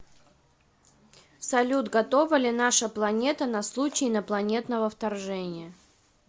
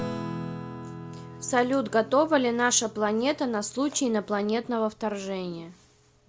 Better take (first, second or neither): first